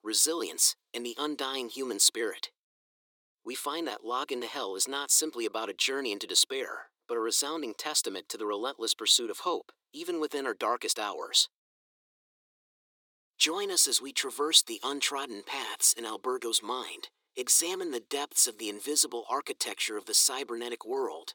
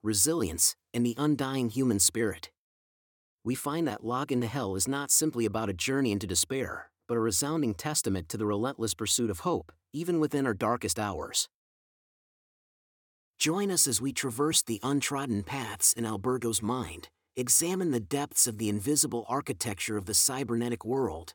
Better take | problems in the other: second | thin; somewhat; fading below 350 Hz

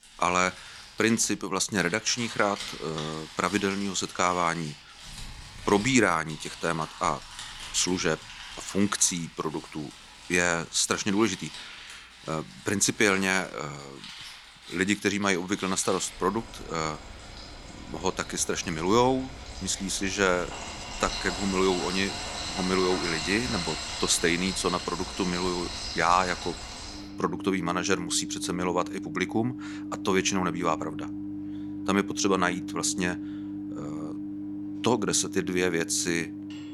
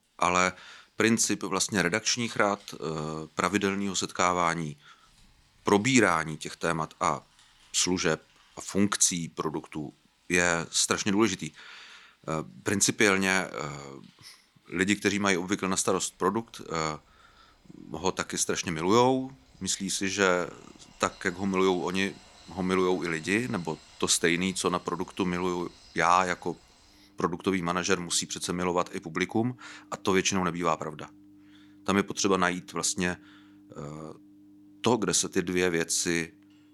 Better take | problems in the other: second | household noises; loud; throughout; 10 dB below the speech; faint in the second

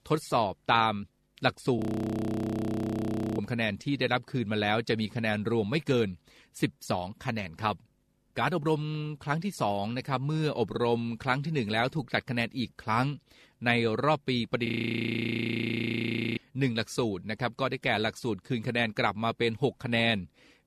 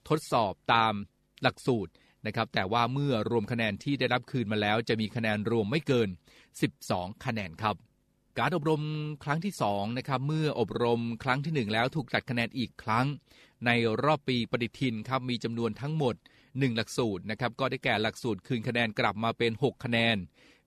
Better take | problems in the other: second | audio freezing; at 2 s for 1.5 s and at 15 s for 1.5 s

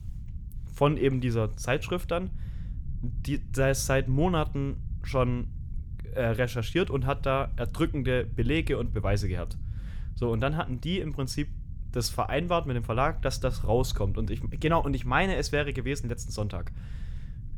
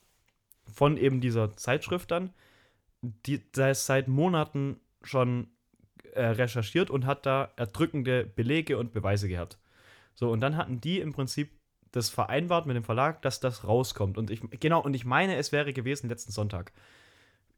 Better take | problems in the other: second | low rumble; faint; throughout; 25 dB below the speech

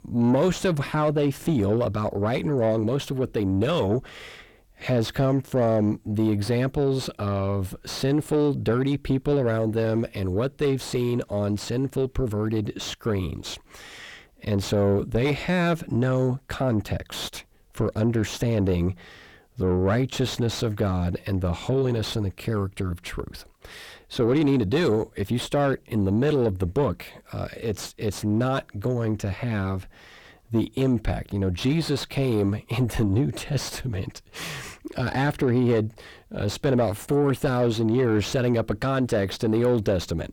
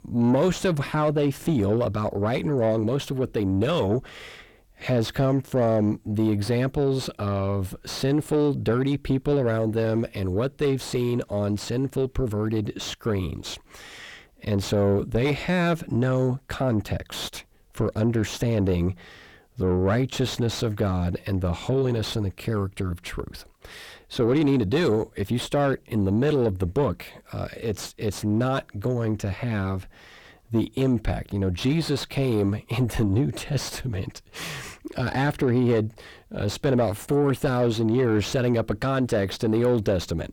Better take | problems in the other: neither | distortion; slight; 9 dB below the speech; the same in both

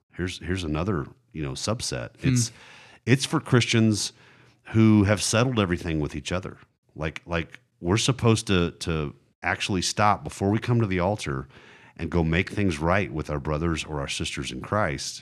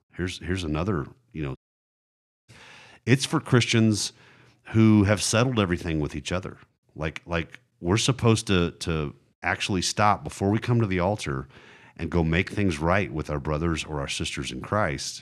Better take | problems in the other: first | audio cutting out; at 1.5 s for 1 s

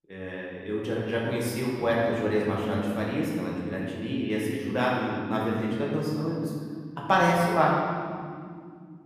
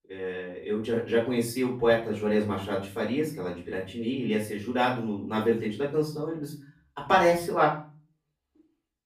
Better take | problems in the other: second | room echo; strong; dies away in 2.4 s; slight in the second // off-mic speech; far; far in the second

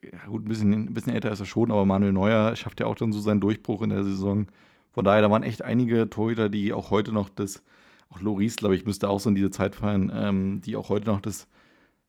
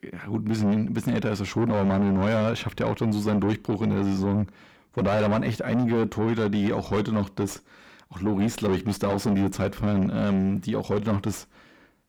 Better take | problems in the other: first | distortion; heavy; 7 dB below the speech

